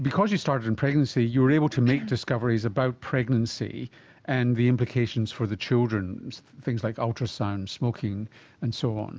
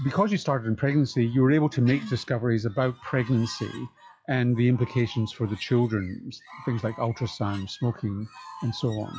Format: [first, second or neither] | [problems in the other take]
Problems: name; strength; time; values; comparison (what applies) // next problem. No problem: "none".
first | noise reduction (classical method log-MMSE)